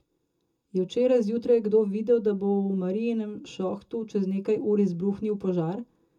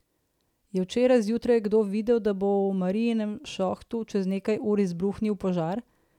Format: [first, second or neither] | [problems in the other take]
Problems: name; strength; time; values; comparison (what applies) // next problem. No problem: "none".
second | room echo; dies away in 0.2 s